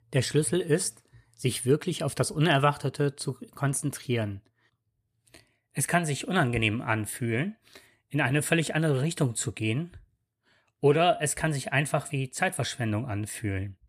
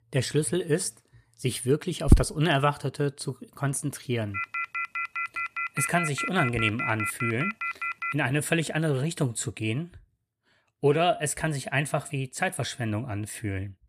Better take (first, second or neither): first